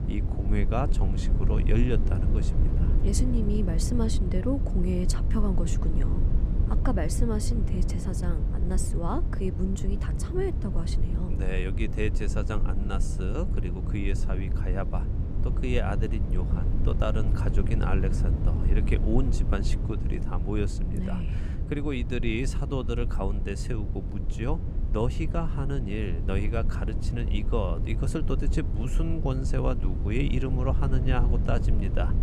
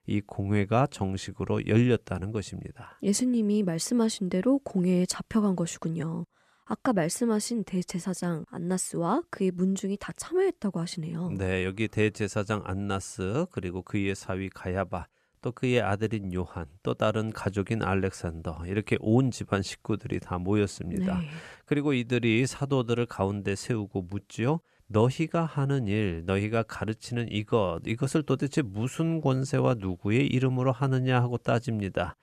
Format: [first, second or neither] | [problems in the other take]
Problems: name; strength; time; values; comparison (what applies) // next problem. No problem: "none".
second | low rumble; loud; throughout; 7 dB below the speech